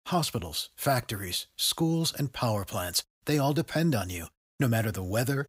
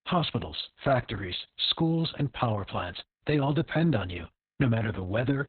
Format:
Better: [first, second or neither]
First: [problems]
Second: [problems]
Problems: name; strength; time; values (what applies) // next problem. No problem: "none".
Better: first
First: none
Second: garbled, watery; badly; nothing above 4 kHz